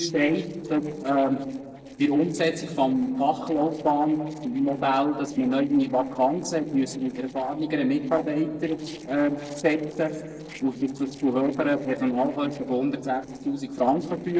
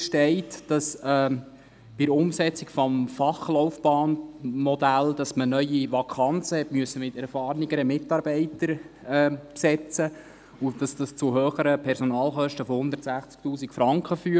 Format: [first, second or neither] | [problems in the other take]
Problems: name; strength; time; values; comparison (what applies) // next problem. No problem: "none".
second | noise reduction (neural separator model SepFormer DNS4)